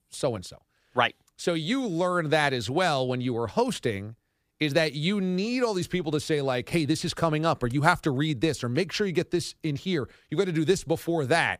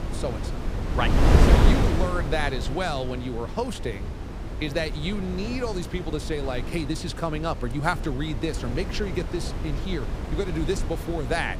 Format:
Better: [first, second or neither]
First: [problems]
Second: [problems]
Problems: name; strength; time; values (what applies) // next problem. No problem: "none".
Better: first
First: none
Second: wind noise on the microphone; heavy; 4 dB below the speech